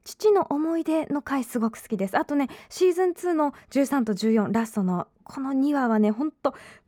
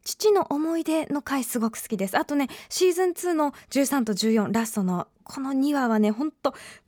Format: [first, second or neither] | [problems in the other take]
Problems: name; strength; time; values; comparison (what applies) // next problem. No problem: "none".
second | muffled; slightly; fading above 2.5 kHz